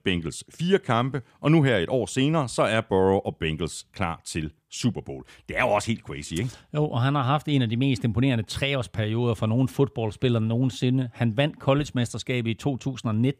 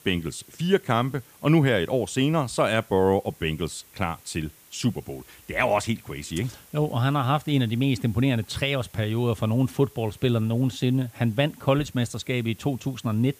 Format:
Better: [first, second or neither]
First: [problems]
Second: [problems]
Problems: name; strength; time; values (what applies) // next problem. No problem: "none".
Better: first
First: none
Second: hiss; faint; throughout; 25 dB below the speech